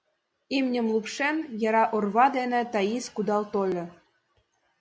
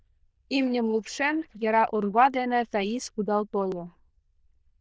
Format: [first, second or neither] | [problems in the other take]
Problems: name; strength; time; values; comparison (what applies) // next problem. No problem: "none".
first | noise reduction (neural diffusion model UNIVERSE++)